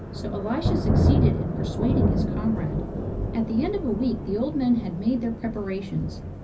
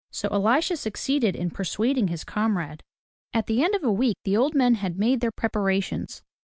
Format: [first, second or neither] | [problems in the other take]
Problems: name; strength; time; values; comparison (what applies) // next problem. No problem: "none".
second | background sound (Thunder); 1 dB above the speech // room echo; dies away in 0.4 s